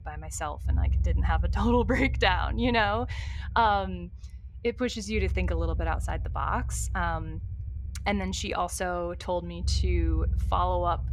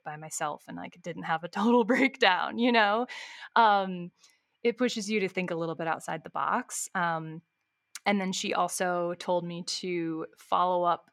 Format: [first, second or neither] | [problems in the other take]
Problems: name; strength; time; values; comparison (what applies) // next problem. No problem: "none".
second | low rumble; faint; throughout; 20 dB below the speech